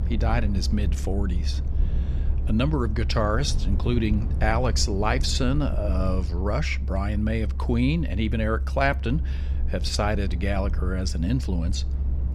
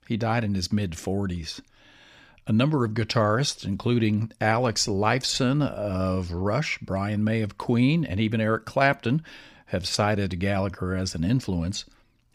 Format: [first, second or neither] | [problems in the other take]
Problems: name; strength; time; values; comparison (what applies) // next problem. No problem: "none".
second | low rumble; noticeable; throughout; 15 dB below the speech